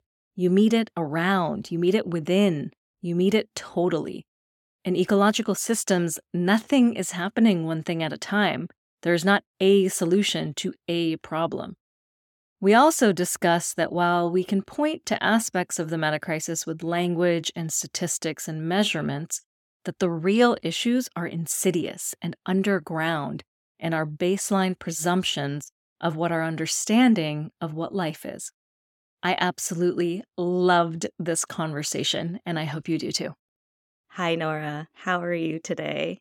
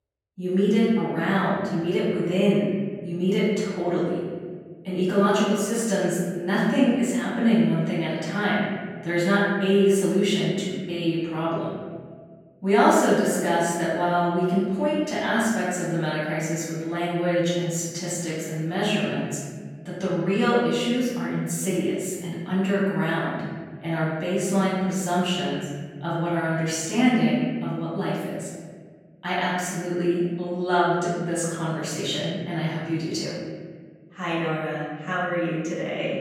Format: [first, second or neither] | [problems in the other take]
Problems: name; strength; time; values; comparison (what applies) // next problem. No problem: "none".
first | off-mic speech; far // room echo; strong; dies away in 1.6 s